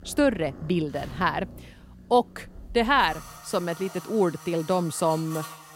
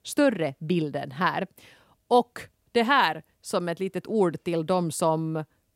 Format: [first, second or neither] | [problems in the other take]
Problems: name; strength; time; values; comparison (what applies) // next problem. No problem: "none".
second | animal sounds; noticeable; throughout; 15 dB below the speech